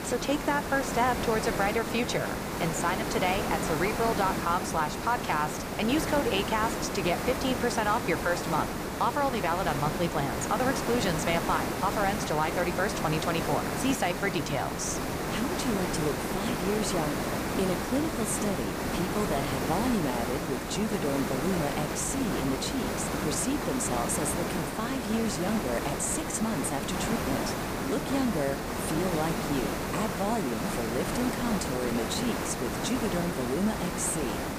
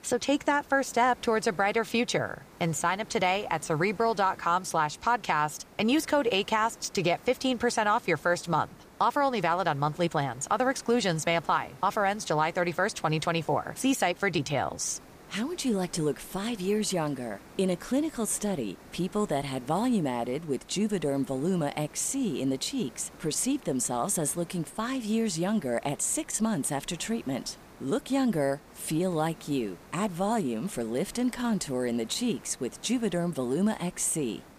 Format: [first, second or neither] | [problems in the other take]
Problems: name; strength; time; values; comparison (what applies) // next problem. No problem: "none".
second | hiss; loud; throughout; 1 dB below the speech; faint in the second